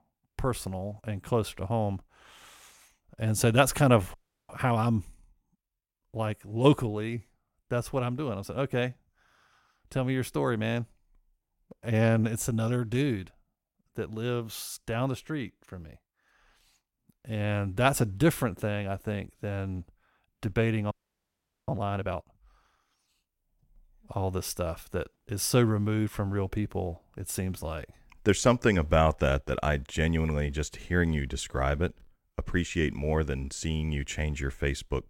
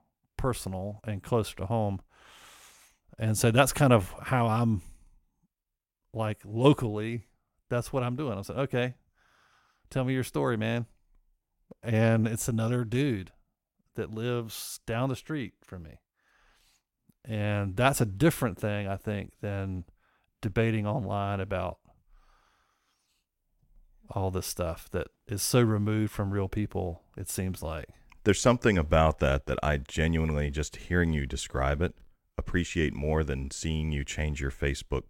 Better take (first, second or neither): second